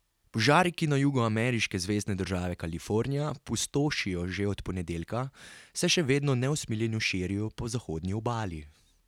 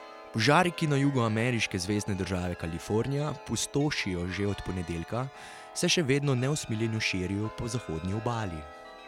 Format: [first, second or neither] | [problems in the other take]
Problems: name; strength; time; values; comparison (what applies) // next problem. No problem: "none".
first | background sound (Chime); 17 dB below the speech